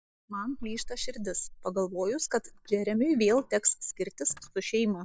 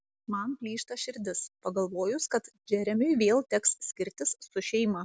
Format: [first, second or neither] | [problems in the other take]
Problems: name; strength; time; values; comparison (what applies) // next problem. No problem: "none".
second | noise reduction (neural mask model DeepFilterNet 3)